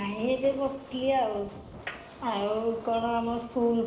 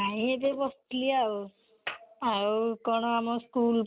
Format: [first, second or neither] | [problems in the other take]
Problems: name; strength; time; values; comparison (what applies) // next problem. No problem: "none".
second | background sound (Fire); 17 dB below the speech // room echo; dies away in 1 s